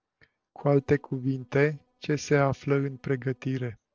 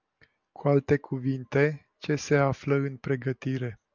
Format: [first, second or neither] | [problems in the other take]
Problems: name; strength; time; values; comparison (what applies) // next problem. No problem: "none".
second | noise reduction (neural separator model SepFormer DNS4)